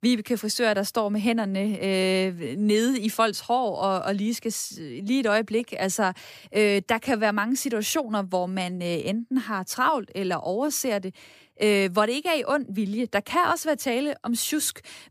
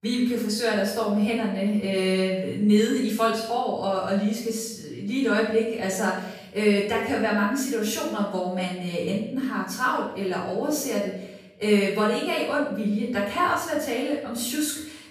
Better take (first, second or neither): first